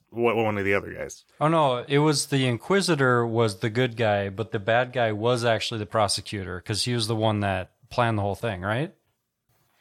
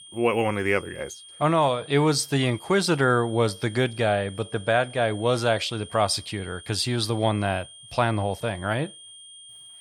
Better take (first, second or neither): first